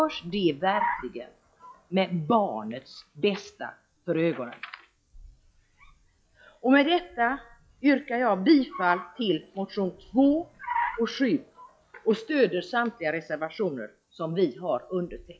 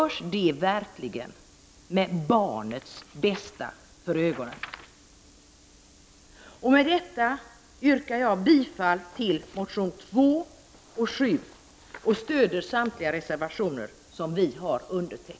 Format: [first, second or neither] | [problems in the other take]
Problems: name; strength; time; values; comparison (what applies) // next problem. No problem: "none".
second | noise reduction (classical method log-MMSE)